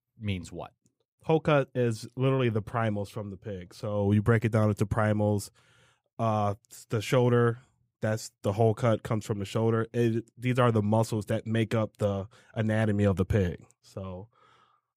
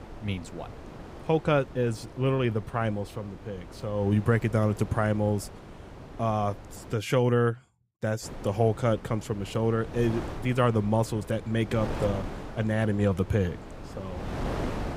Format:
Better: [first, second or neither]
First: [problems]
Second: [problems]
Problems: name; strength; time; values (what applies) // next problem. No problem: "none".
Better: first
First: none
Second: wind noise on the microphone; occasional gusts; until 7 s and from 8 s on; 15 dB below the speech